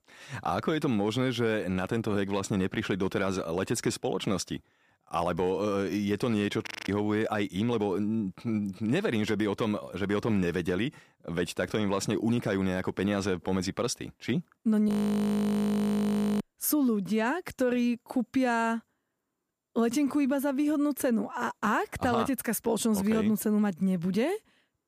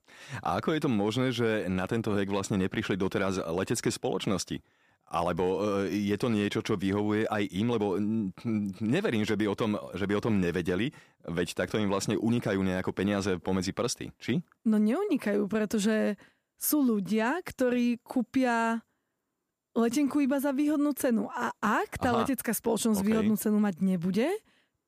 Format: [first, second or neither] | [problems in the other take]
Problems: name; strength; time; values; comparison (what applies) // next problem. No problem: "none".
second | audio freezing; at 6.5 s and at 15 s for 1.5 s